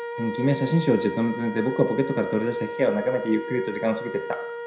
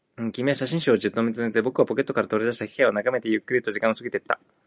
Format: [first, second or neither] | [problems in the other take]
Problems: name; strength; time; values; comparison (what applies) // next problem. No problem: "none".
second | background sound (Wind instrument, woodwind instrument); 8 dB below the speech // room echo; dies away in 0.5 s